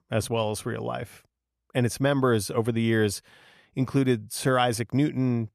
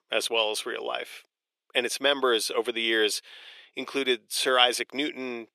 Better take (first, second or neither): first